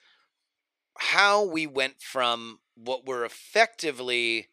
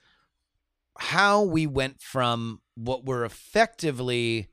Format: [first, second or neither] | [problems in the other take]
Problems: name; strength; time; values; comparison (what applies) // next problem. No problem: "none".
second | thin; somewhat; fading below 450 Hz